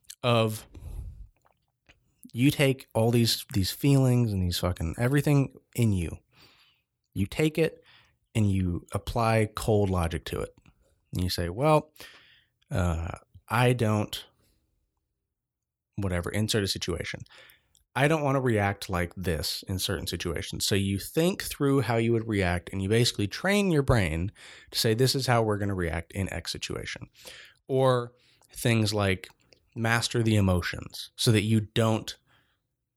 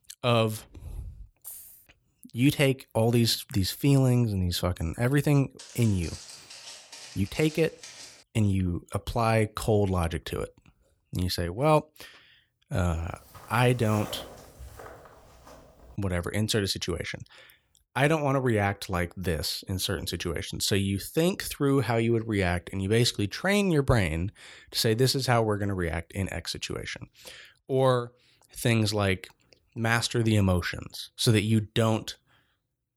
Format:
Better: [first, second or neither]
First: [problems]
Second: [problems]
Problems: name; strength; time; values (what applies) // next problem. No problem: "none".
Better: first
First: none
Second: jangling keys; faint; at 1.5 s; peak 15 dB below the speech // footsteps; faint; from 5.5 to 8 s and from 13 to 16 s; peak 15 dB below the speech